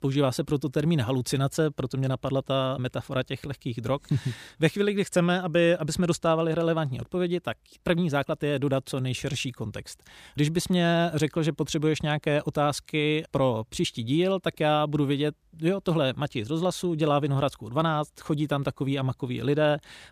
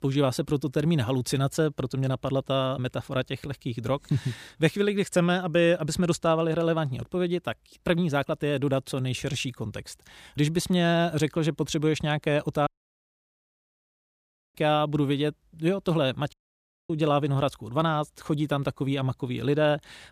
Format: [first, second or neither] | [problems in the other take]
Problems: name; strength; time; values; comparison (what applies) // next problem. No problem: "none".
first | audio cutting out; at 13 s for 2 s and at 16 s for 0.5 s